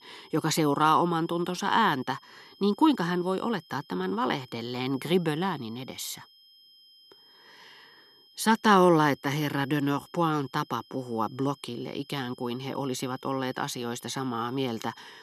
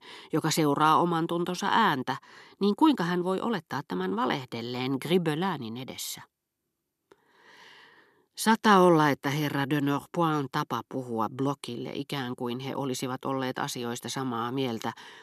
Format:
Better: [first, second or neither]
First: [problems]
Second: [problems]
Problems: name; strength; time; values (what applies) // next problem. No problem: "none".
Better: second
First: high-pitched whine; faint; throughout; 3 kHz, 25 dB below the speech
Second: none